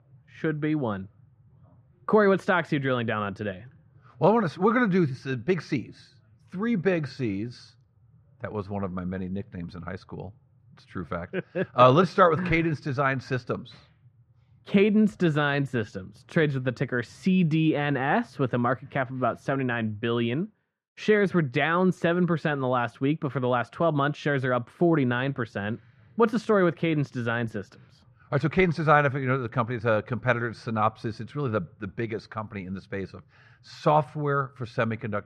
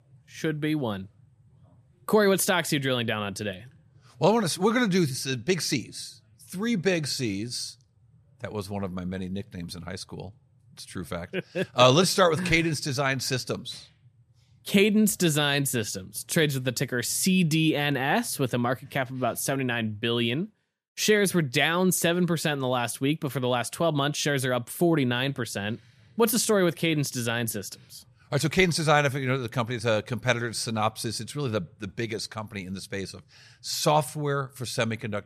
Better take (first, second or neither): second